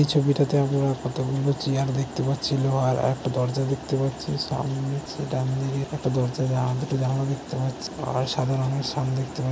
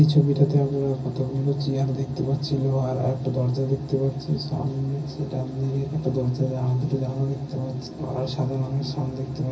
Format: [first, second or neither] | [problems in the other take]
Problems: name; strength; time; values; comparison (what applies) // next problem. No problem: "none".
first | room echo; dies away in 0.4 s